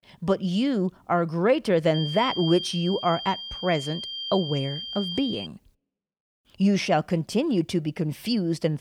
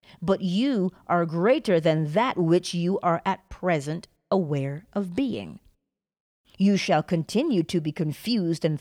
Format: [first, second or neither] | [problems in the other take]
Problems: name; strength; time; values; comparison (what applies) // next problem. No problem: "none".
second | high-pitched whine; loud; from 2 to 5.5 s; 3 kHz, 7 dB below the speech